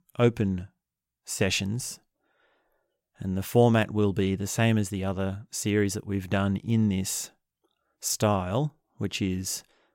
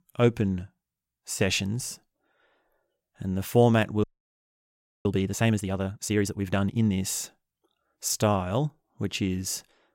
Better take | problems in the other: first | audio freezing; at 4 s for 1 s

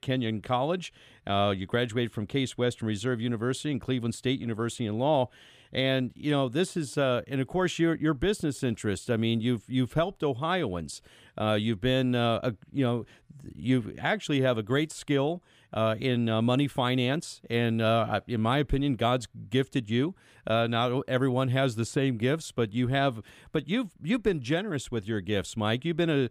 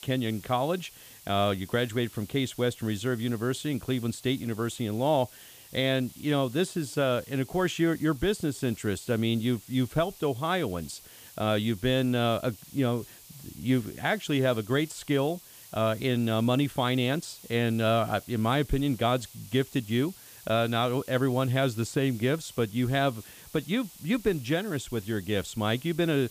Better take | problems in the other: first | hiss; noticeable; throughout; 20 dB below the speech

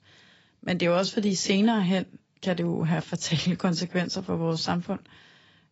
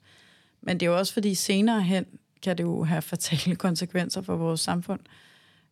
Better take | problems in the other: second | garbled, watery; badly; nothing above 7.5 kHz

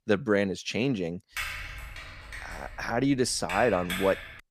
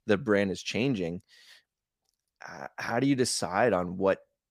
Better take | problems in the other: second | keyboard typing; noticeable; from 1.5 s on; peak 6 dB below the speech

